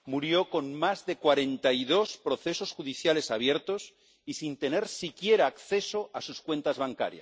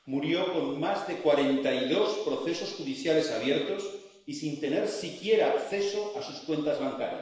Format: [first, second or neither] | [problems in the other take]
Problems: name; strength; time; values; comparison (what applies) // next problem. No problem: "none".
first | room echo; dies away in 1 s